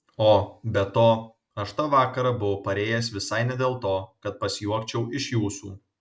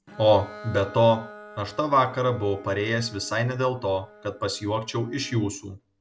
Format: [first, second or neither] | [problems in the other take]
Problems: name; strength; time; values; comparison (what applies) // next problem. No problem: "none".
first | background sound (Bowed string instrument); 20 dB below the speech